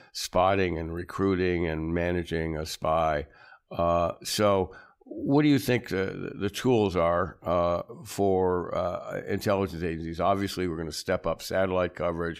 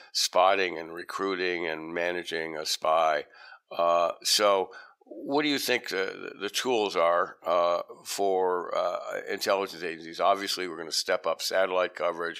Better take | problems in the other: first | thin; somewhat; fading below 500 Hz

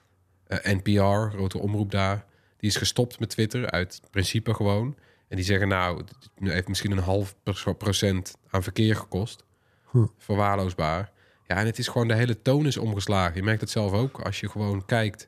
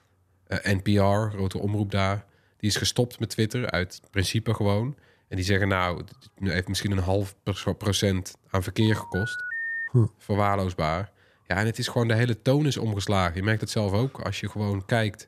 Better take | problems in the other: first | phone ringing; noticeable; from 9 to 10 s; peak 2 dB below the speech

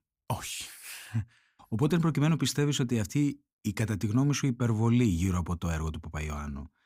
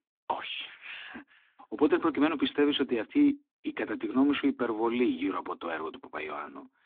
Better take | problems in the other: first | phone-call audio; nothing above 3.5 kHz

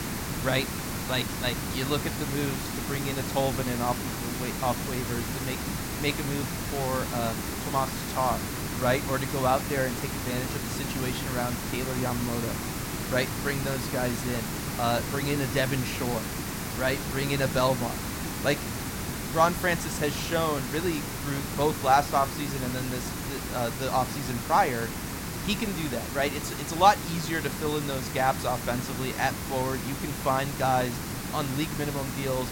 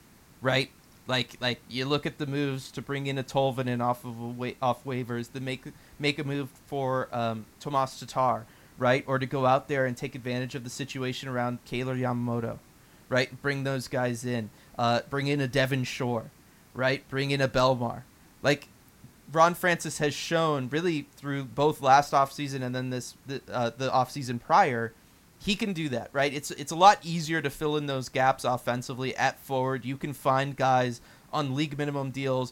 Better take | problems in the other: second | hiss; loud; throughout; 3 dB below the speech; faint in the second

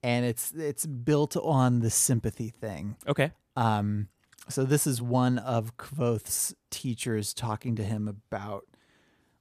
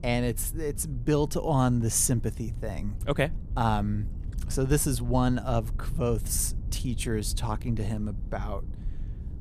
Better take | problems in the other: first | low rumble; faint; throughout; 20 dB below the speech

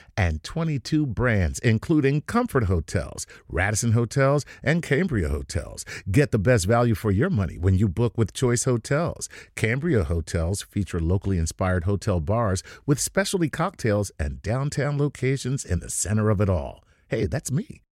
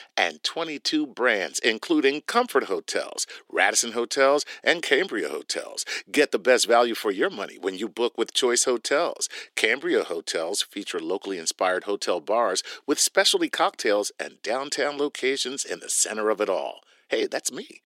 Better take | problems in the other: first | thin; very; fading below 300 Hz

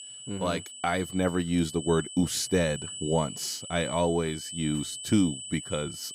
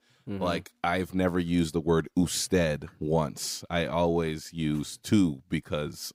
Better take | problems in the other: second | high-pitched whine; loud; throughout; 3 kHz, 10 dB below the speech

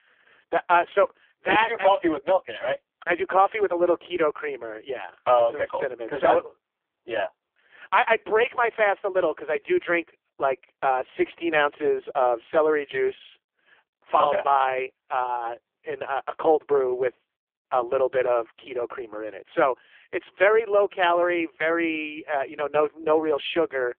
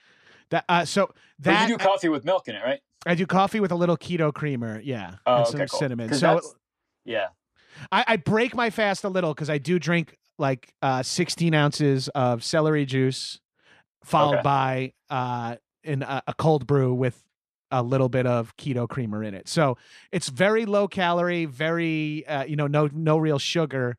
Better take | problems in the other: second | phone-call audio; poor line; nothing above 3.5 kHz

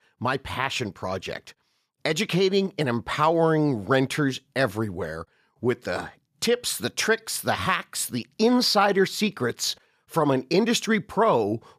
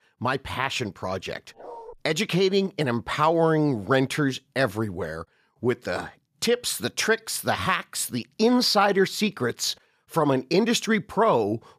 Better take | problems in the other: first | dog barking; faint; at 1.5 s; peak 15 dB below the speech

